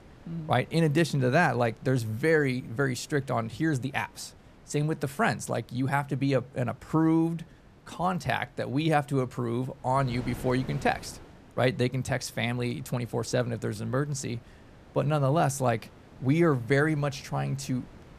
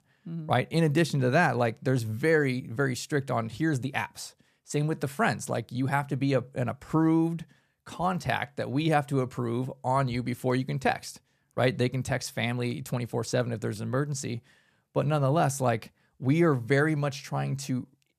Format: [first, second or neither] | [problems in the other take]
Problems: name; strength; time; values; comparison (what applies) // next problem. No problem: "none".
second | wind noise on the microphone; occasional gusts; 25 dB below the speech